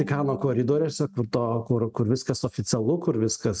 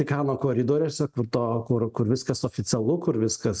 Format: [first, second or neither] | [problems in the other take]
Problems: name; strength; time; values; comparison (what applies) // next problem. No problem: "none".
second | noise reduction (neural mask model RNNoise)